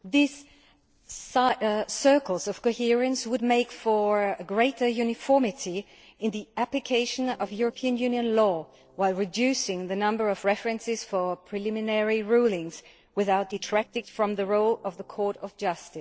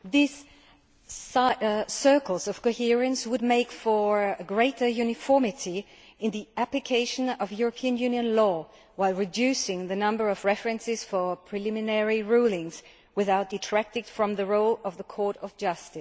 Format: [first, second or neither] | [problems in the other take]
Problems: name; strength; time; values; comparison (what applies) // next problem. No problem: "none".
second | noise reduction (neural separator model SepFormer DNS4)